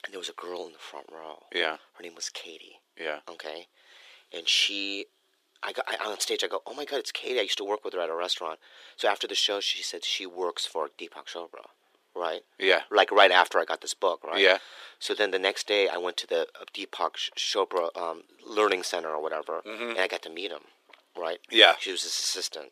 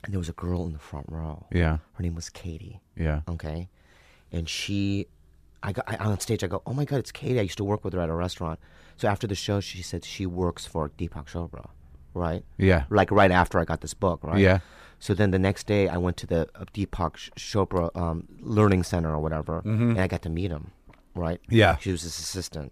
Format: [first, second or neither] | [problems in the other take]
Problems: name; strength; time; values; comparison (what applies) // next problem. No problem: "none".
second | thin; very; fading below 350 Hz